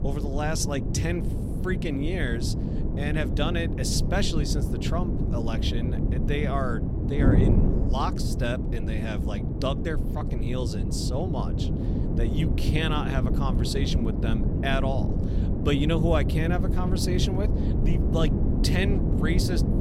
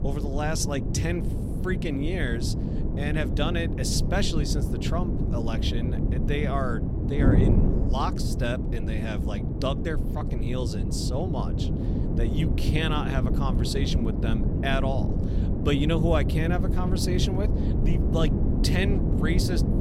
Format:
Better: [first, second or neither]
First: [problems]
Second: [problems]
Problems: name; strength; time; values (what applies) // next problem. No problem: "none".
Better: neither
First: wind noise on the microphone; heavy; 4 dB below the speech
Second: wind noise on the microphone; heavy; 4 dB below the speech